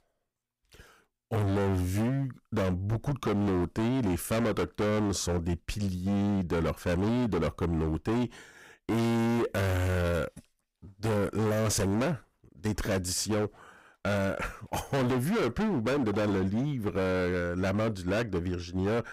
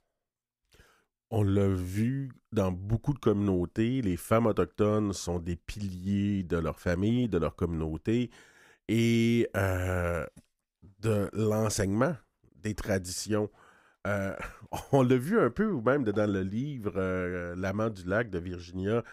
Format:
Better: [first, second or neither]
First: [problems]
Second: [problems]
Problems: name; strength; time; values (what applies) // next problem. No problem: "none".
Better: second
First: distortion; heavy; 28% of the sound clipped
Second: none